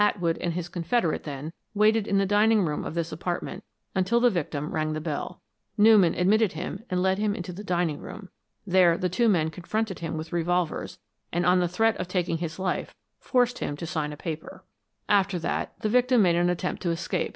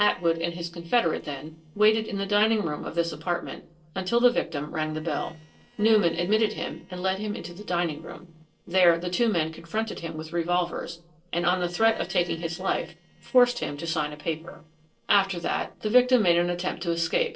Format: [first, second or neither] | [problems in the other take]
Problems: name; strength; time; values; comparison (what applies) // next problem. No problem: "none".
first | noise reduction (neural separator model SepFormer DNS4)